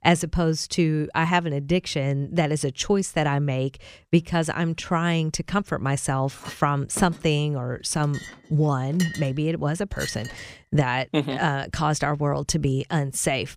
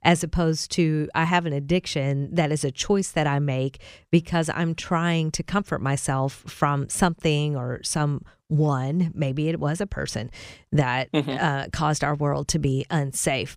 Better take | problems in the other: second | clattering dishes; noticeable; from 6.5 to 10 s; peak 9 dB below the speech

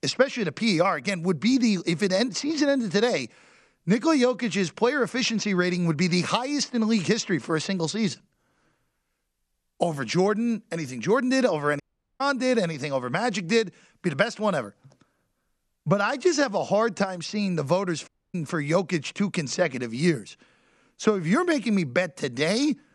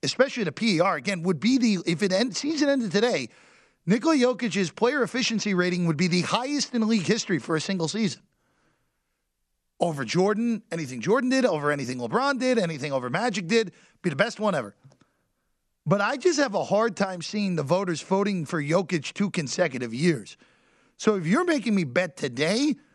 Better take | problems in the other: second | audio cutting out; at 12 s and at 18 s

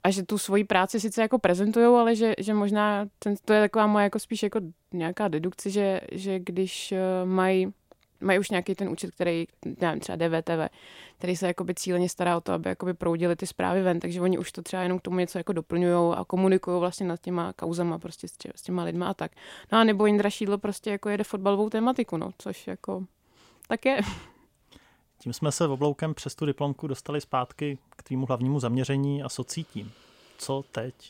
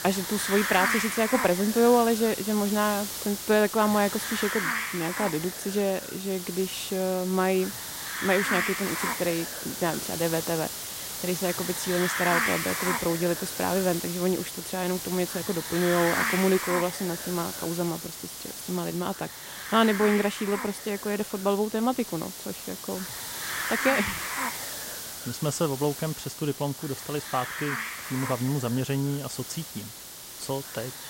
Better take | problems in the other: first | hiss; loud; throughout; 4 dB below the speech

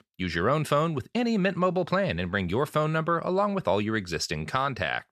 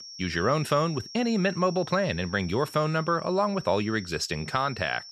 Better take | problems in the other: first | high-pitched whine; noticeable; throughout; 5.5 kHz, 15 dB below the speech

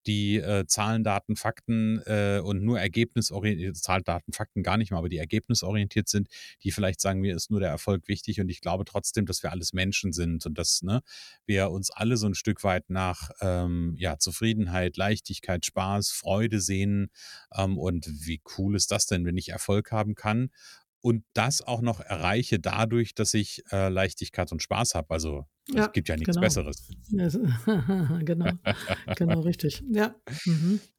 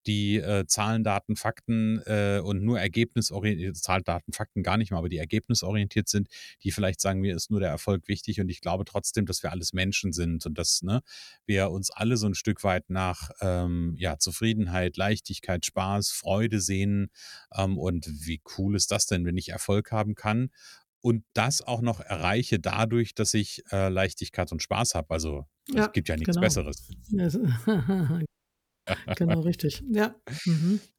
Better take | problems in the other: first | audio cutting out; at 28 s for 0.5 s

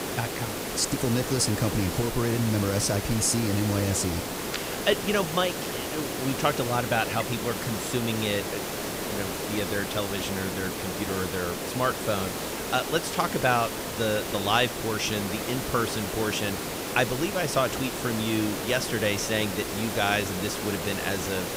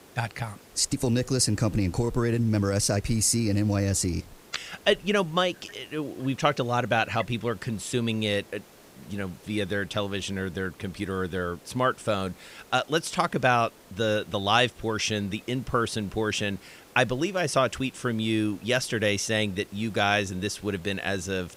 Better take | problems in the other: second | hiss; loud; throughout; 3 dB below the speech; faint in the second

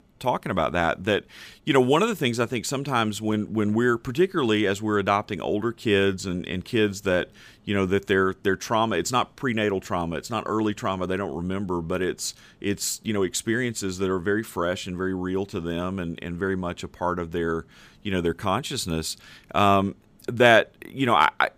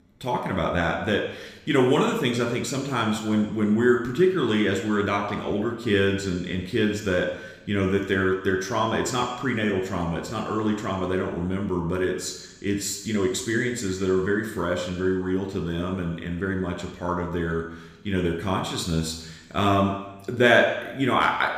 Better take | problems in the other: first | room echo; slight; dies away in 1 s // off-mic speech; somewhat distant

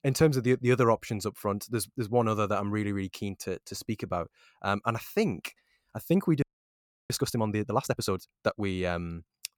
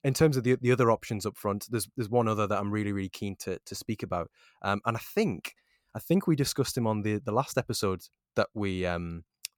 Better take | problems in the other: second | audio freezing; at 6.5 s for 0.5 s

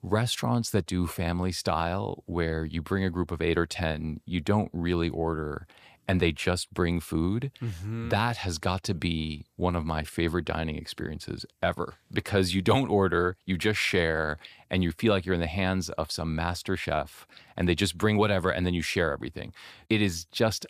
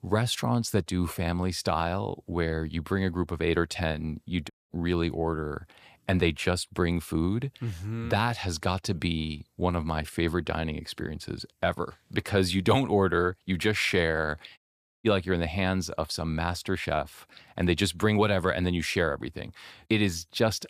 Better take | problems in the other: first | audio cutting out; at 4.5 s and at 15 s

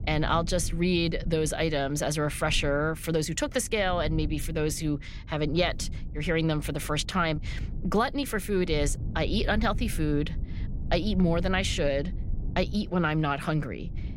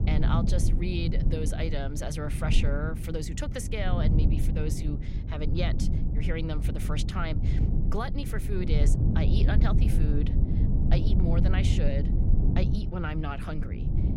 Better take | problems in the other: first | low rumble; loud; throughout; 4 dB below the speech; faint in the first

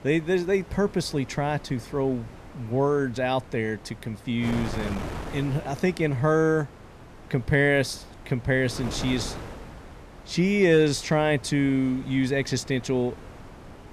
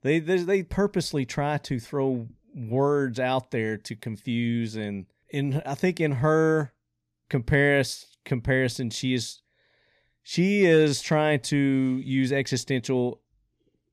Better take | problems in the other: second | wind noise on the microphone; occasional gusts; 15 dB below the speech

